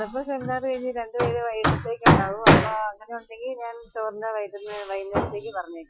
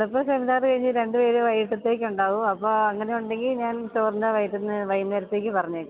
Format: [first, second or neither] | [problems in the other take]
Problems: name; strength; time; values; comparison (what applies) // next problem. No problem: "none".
second | noise reduction (classical method Wiener filter)